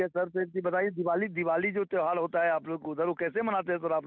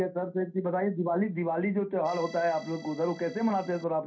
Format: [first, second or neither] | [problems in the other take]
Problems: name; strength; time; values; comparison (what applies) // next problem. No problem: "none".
first | background sound (Accordion); 19 dB below the speech // room echo; dies away in 0.3 s